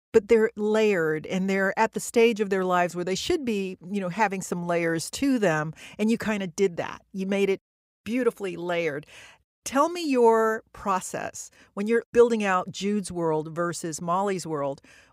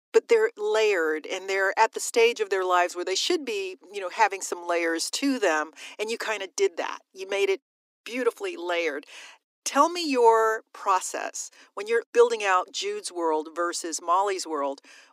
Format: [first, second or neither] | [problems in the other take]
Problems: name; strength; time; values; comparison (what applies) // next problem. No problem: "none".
first | thin; somewhat; fading below 250 Hz